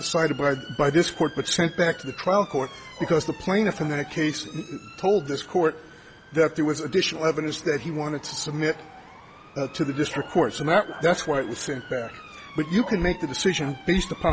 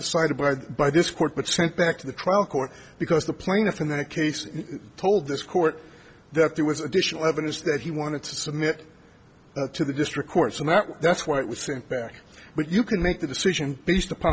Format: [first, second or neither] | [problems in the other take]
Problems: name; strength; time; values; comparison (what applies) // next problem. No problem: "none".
second | background sound (Bark + Motor vehicle (road) / Siren); 18 dB below the speech